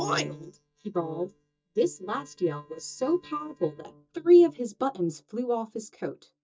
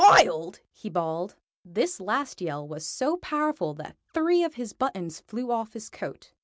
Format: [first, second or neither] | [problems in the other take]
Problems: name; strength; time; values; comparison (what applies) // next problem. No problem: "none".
second | noise reduction (neural mask model DeepFilterNet 3)